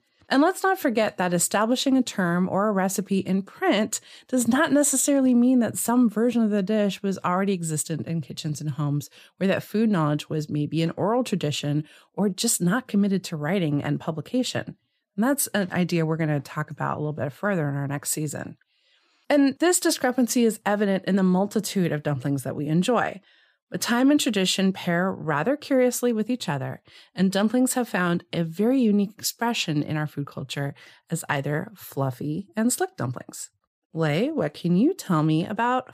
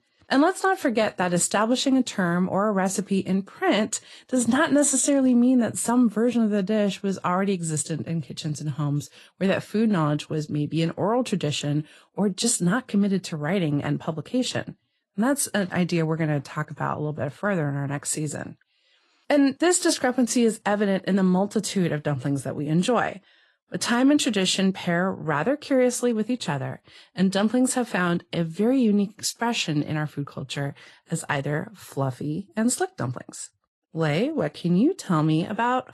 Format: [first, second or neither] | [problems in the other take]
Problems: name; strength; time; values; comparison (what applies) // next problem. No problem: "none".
first | garbled, watery; slightly